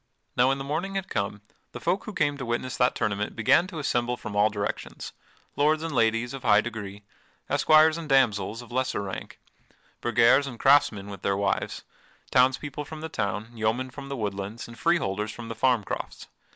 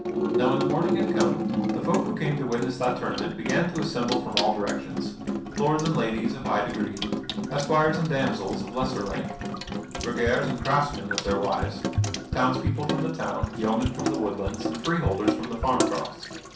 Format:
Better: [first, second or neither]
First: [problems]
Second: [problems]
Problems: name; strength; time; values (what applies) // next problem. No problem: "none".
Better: first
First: none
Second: background sound (Sink (filling or washing) / Water tap, faucet); 1 dB below the speech // room echo; dies away in 0.6 s